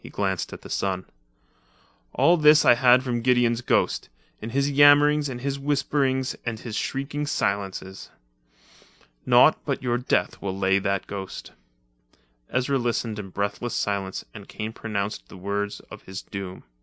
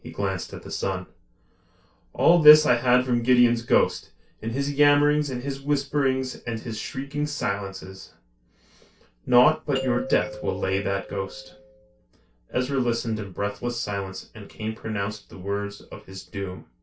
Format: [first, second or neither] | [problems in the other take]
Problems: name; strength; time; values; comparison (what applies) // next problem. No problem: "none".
first | background sound (Doorbell); 11 dB below the speech // room echo; dies away in 0.2 s